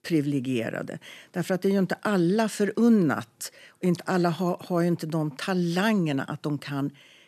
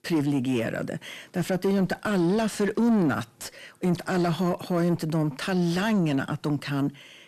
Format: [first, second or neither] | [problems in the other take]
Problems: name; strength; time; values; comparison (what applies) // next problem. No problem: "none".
first | distortion; slight; 10 dB below the speech